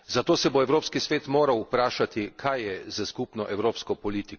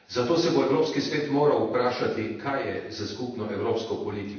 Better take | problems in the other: first | room echo; dies away in 0.9 s

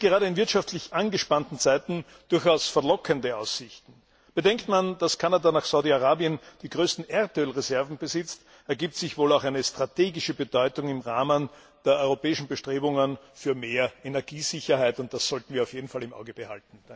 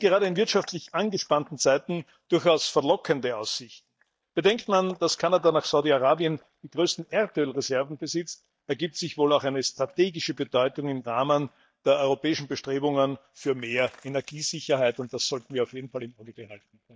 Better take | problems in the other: first | noise reduction (neural mask model DeepFilterNet 3)

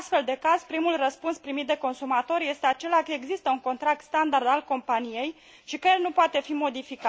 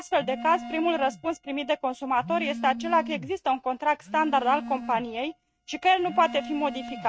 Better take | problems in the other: first | noise reduction (neural mask model RNNoise)

